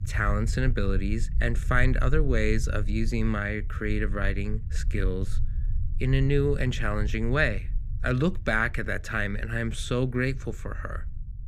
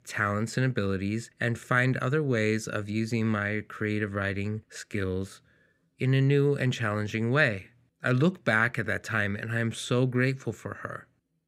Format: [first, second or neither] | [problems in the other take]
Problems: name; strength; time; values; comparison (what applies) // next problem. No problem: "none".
second | low rumble; faint; throughout; 20 dB below the speech